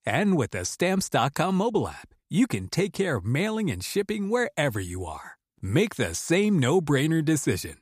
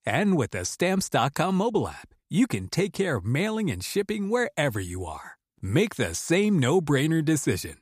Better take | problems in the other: neither | none

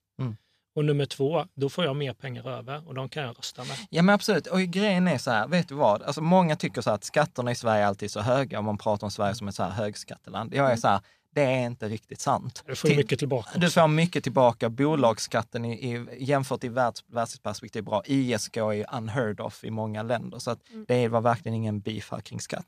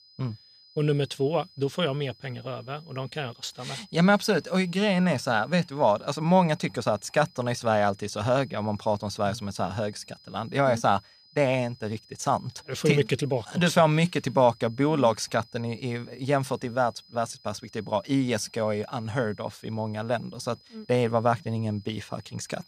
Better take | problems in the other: first | high-pitched whine; faint; throughout; 5 kHz, 25 dB below the speech

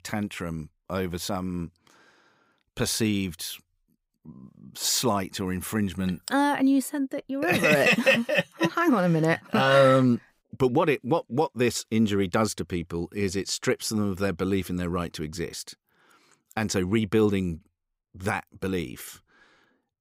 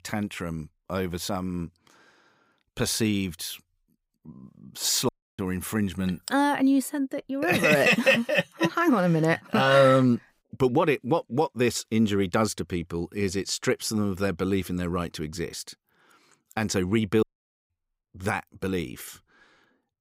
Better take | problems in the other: first | audio cutting out; at 5 s and at 17 s

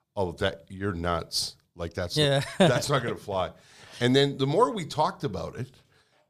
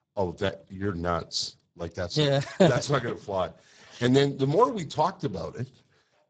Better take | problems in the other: first | garbled, watery; badly; nothing above 7.5 kHz

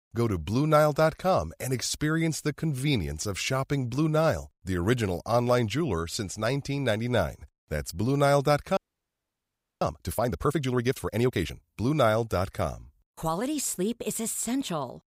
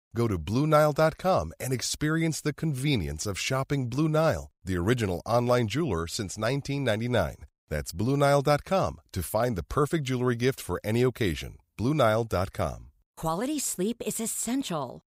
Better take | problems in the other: second | audio freezing; at 9 s for 1 s

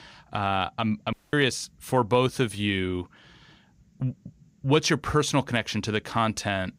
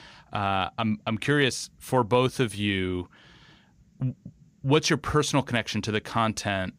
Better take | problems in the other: second | audio cutting out; at 1 s

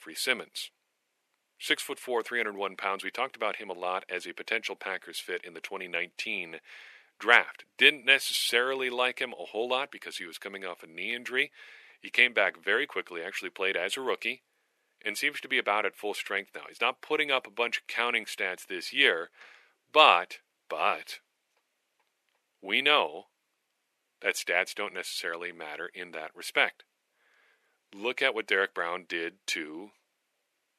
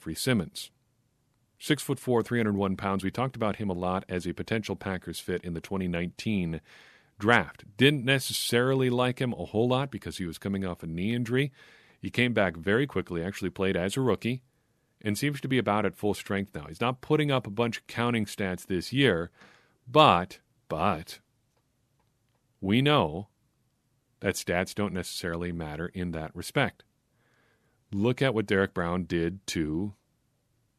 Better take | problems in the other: second | thin; very; fading below 450 Hz

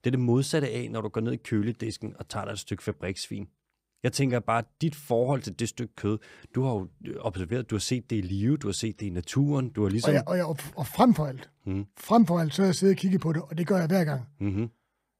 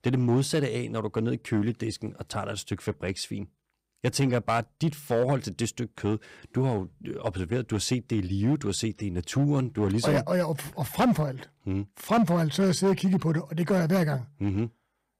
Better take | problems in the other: first | distortion; slight; 5% of the sound clipped

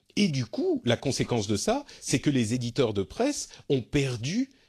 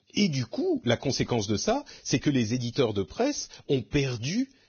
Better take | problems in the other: first | garbled, watery; badly; nothing above 6.5 kHz; slightly in the first

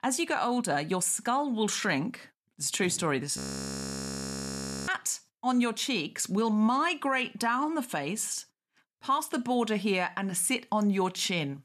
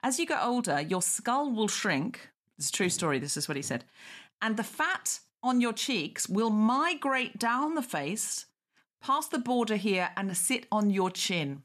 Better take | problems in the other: second | audio freezing; at 3.5 s for 1.5 s

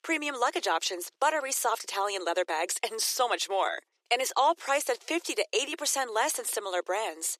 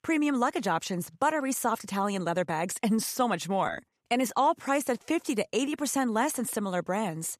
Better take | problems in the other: second | thin; very; fading below 350 Hz

